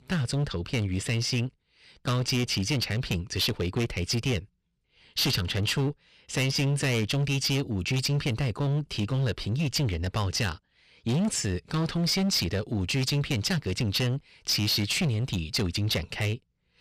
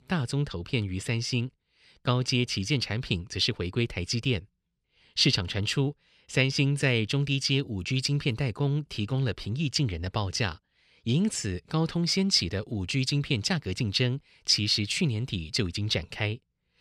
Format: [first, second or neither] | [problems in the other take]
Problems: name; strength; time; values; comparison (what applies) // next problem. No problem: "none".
second | distortion; heavy; 16% of the sound clipped